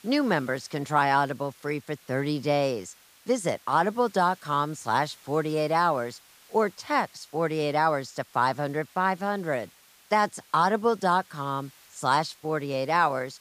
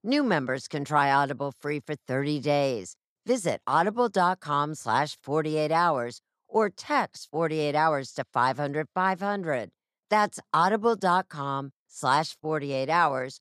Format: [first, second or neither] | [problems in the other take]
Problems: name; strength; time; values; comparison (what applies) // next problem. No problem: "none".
second | hiss; faint; throughout; 25 dB below the speech